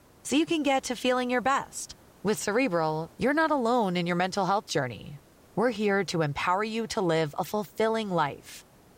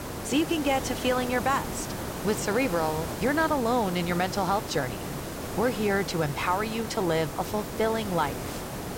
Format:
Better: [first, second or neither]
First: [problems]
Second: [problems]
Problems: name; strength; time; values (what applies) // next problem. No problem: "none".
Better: first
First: hiss; faint; throughout; 30 dB below the speech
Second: hiss; loud; throughout; 7 dB below the speech